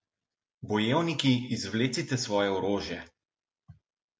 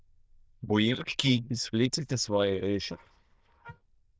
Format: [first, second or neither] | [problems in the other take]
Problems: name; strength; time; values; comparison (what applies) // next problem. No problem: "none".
first | noise reduction (neural diffusion model UNIVERSE++)